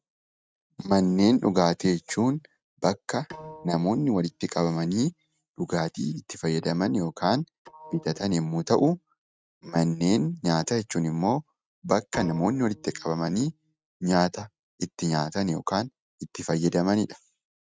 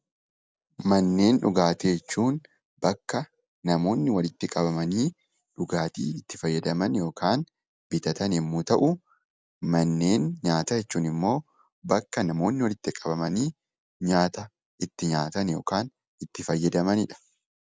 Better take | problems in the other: second | noise reduction (neural mask model RNNoise)

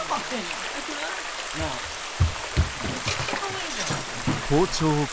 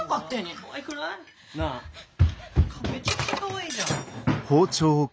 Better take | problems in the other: second | background sound (Stream); 4 dB below the speech

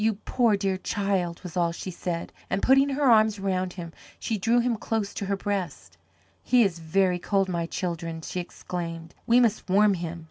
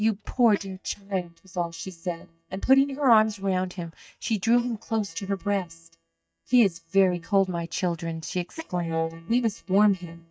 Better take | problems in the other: first | noise reduction (neural mask model DeepFilterNet 3)

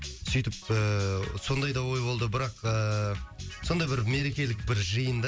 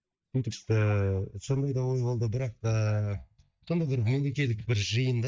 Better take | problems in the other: first | noise reduction (neural mask model DeepFilterNet 3)

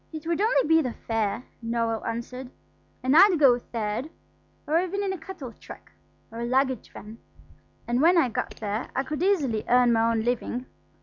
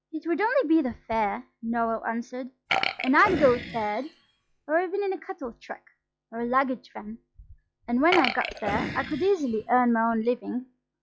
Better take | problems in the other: first | noise reduction (classical method log-MMSE)

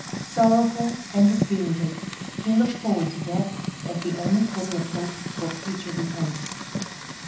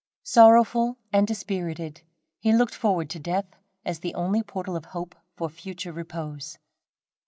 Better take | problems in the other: second | background sound (Fire); 7 dB below the speech // room echo; dies away in 0.6 s

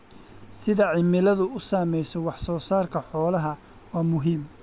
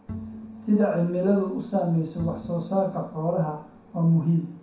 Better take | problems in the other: first | background sound (Bowed string instrument); 17 dB below the speech // room echo; dies away in 0.6 s

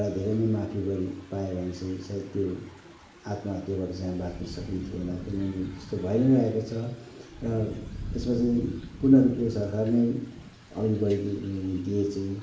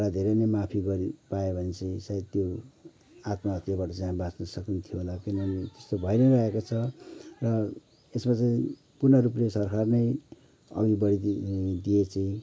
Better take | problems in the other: second | background sound (Thunder / Rain); 15 dB below the speech // room echo; dies away in 0.7 s

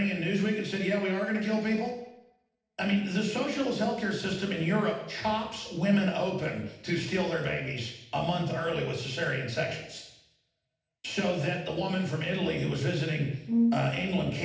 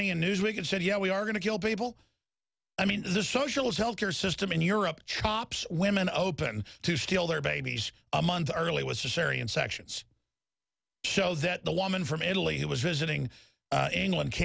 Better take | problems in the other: second | noise reduction (neural separator model SepFormer DNS4)

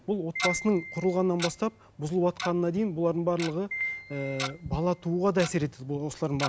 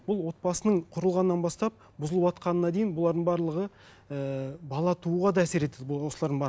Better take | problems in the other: second | background sound (Tick-tock + Piano); 9 dB below the speech

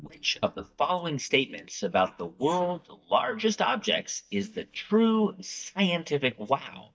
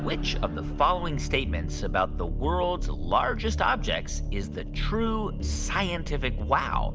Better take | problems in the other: second | noise reduction (neural mask model DeepFilterNet 3)

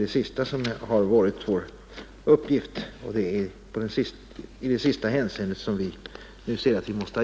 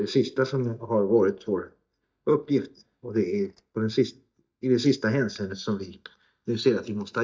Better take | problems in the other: first | noise reduction (neural mask model DeepFilterNet 3)

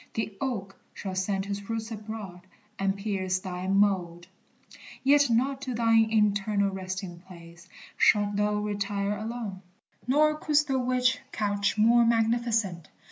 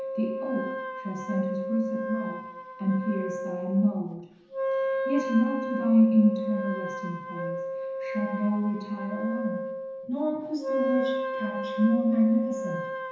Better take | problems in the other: first | background sound (Wind instrument, woodwind instrument); 5 dB below the speech // room echo; dies away in 1 s

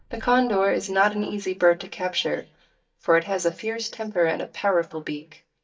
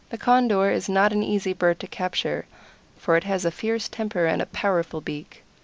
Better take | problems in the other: second | noise reduction (neural mask model DeepFilterNet 3)

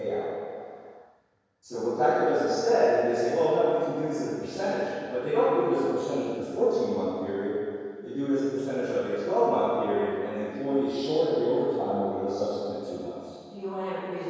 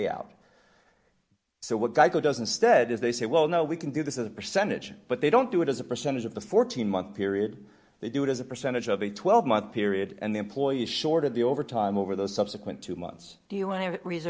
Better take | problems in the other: second | room echo; dies away in 2.2 s

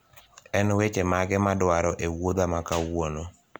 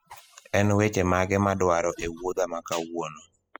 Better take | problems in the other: first | noise reduction (classical method spectral subtraction)

